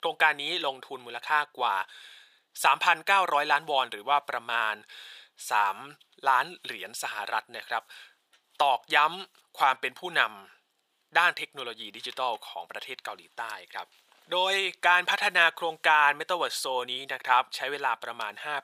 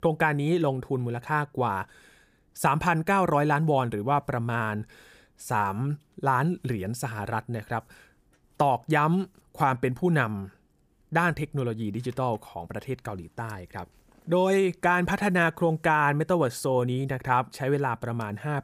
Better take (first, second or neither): second